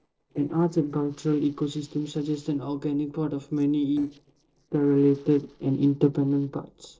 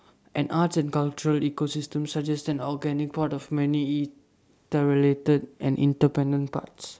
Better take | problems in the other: second | noise reduction (neural separator model SepFormer DNS4)

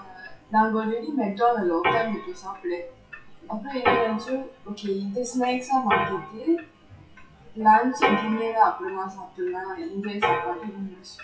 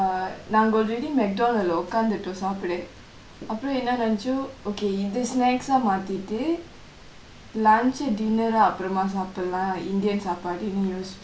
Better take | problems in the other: second | noise reduction (classical method WPE with log-MMSE)

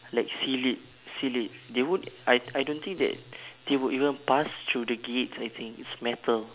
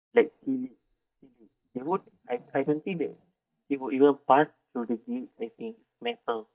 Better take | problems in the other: first | noise reduction (neural mask model DeepFilterNet 3)

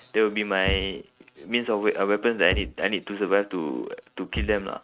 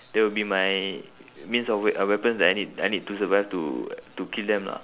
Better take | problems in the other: second | noise reduction (neural mask model RNNoise)

